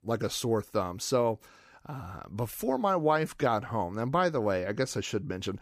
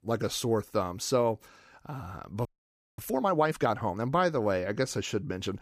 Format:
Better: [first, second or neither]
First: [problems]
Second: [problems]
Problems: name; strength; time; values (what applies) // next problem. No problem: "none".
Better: first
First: none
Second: audio freezing; at 2.5 s for 0.5 s